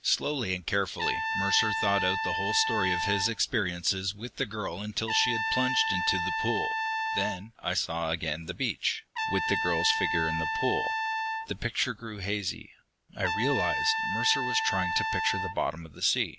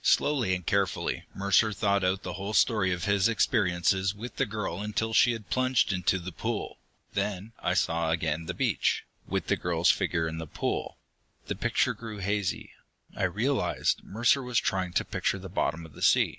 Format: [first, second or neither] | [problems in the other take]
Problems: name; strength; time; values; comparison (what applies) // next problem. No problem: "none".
second | background sound (Trumpet); 1 dB below the speech